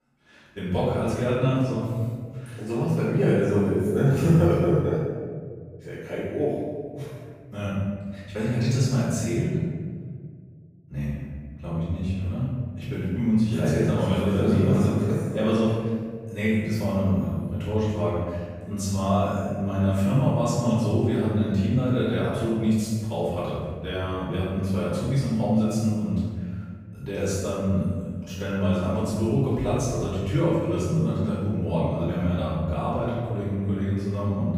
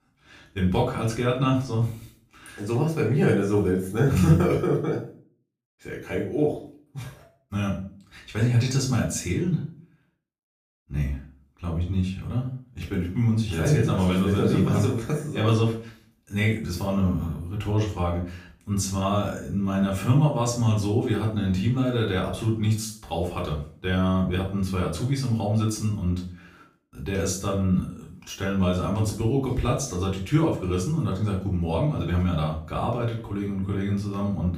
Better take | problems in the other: second | room echo; strong; dies away in 1.7 s; slight in the second // off-mic speech; far; far in the second

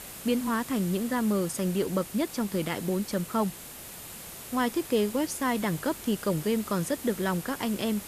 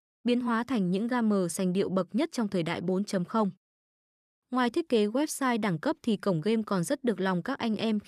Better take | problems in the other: second | hiss; noticeable; throughout; 10 dB below the speech

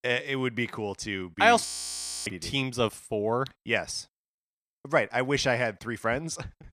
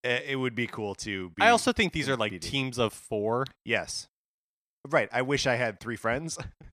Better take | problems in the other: second | audio freezing; at 1.5 s for 0.5 s

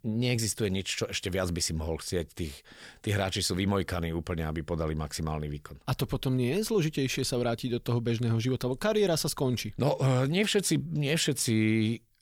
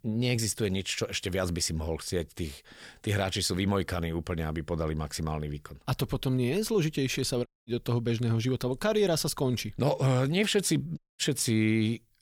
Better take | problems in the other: first | audio cutting out; at 7.5 s and at 11 s

